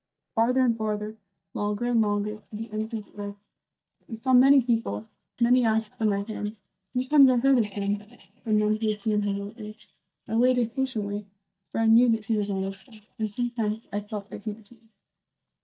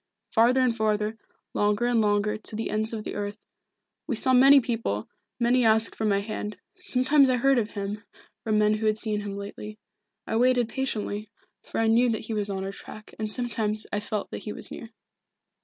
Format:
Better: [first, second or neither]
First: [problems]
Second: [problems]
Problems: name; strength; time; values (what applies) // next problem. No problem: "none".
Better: second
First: noise reduction (neural mask model DeepFilterNet 3)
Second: none